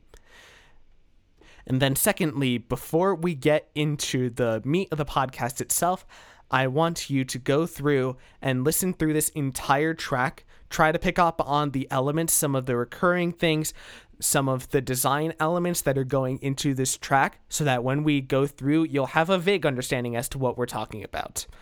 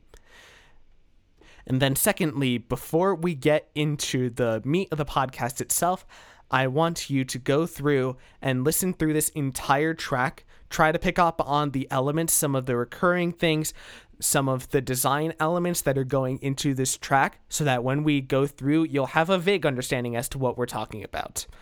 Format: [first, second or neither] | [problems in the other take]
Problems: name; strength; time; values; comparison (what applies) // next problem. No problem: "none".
neither | none